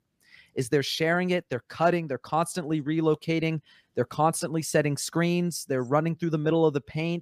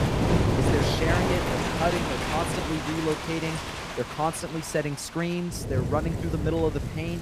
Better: first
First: none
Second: rain or running water; very loud; throughout; 2 dB above the speech

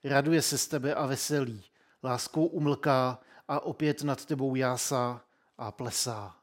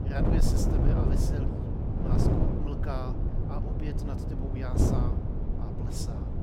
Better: first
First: none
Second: wind noise on the microphone; heavy; 4 dB above the speech

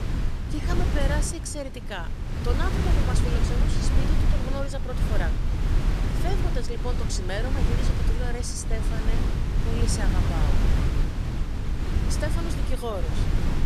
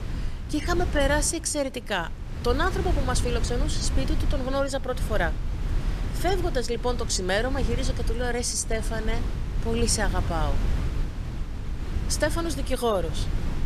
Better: second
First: wind noise on the microphone; heavy; 1 dB below the speech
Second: wind noise on the microphone; occasional gusts; 10 dB below the speech

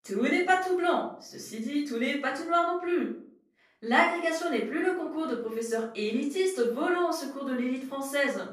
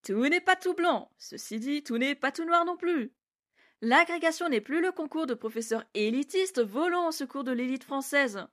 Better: second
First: off-mic speech; far // room echo; noticeable; dies away in 0.7 s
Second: none

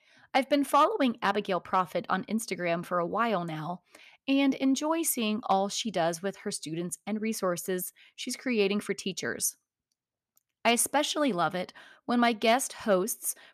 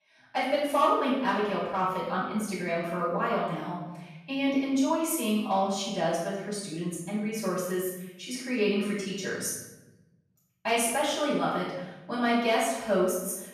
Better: first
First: none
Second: off-mic speech; far // room echo; strong; dies away in 1 s

